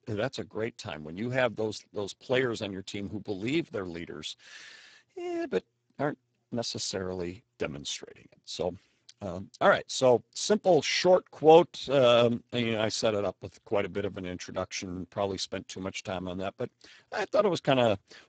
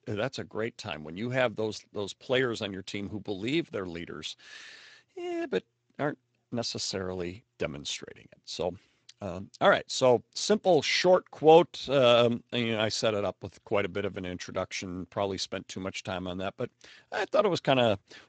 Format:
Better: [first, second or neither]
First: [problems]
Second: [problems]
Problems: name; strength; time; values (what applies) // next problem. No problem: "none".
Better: second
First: garbled, watery; badly; nothing above 7.5 kHz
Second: garbled, watery; slightly; nothing above 7.5 kHz